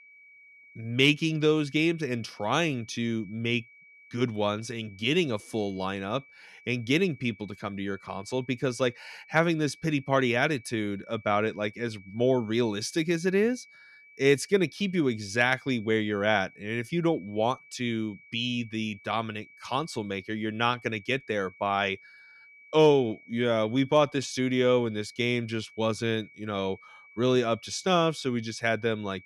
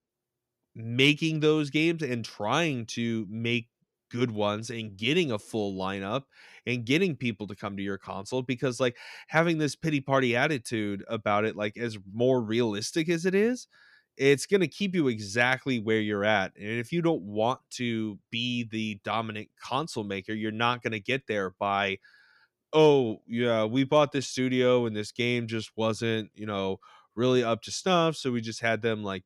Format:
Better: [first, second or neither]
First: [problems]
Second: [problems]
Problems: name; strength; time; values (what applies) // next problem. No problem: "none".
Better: second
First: high-pitched whine; faint; throughout; 2.5 kHz, 25 dB below the speech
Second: none